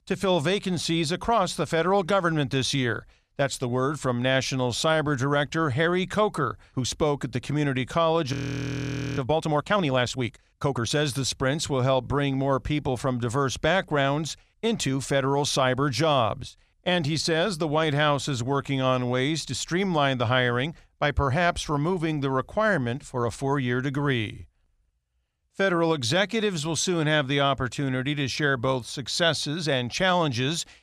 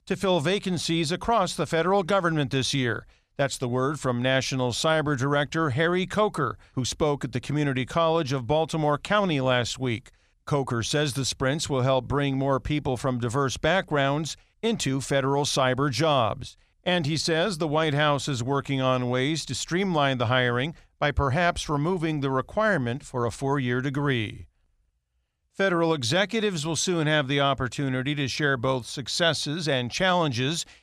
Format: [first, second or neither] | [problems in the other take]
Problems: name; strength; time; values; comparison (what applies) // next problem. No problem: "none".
second | audio freezing; at 8.5 s for 1 s